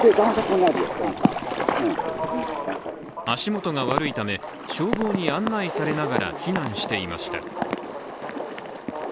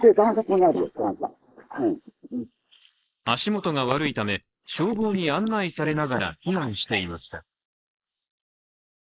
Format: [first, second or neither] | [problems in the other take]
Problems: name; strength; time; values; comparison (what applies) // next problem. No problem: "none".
first | noise reduction (neural mask model Resemble Enhance denoiser)